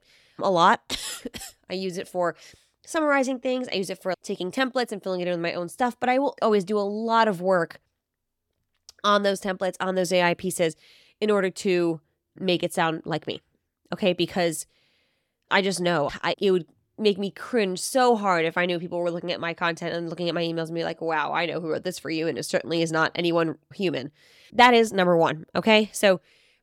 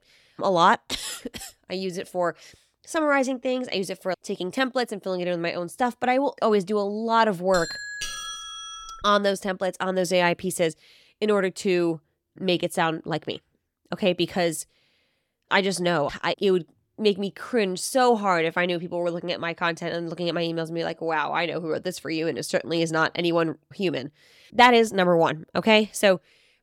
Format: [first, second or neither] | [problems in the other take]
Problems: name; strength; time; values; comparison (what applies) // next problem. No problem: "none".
first | doorbell; noticeable; from 7.5 to 9 s; peak 6 dB below the speech